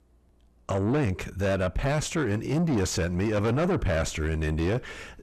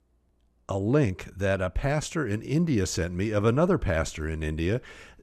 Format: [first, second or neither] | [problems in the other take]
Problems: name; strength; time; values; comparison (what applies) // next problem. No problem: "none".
second | distortion; heavy; 7 dB below the speech